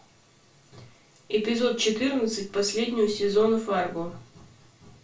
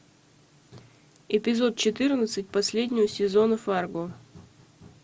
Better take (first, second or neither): second